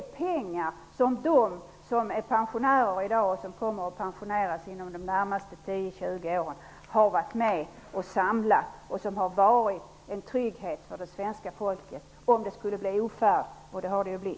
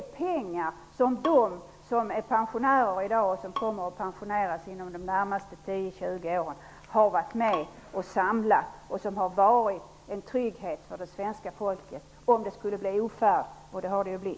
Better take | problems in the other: first | background sound (Bowed string instrument); 17 dB below the speech

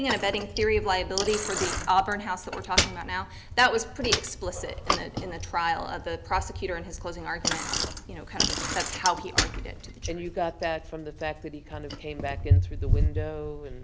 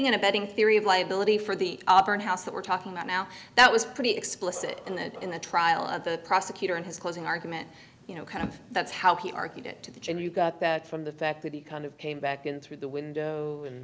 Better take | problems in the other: second | background sound (Bicycle); as loud as the speech

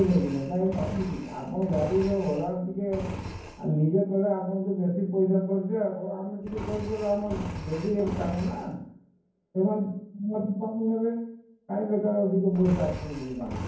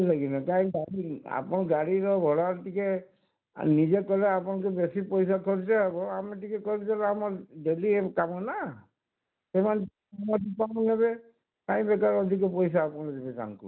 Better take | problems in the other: second | background sound (Engine); 12 dB below the speech // room echo; dies away in 0.9 s

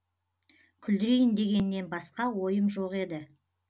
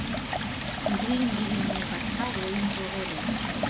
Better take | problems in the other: first | background sound (Stream); 2 dB above the speech

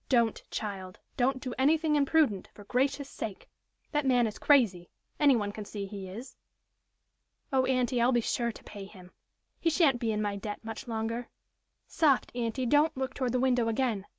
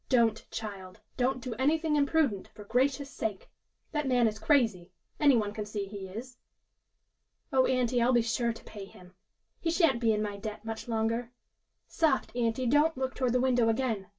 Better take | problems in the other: first | room echo; dies away in 0.1 s

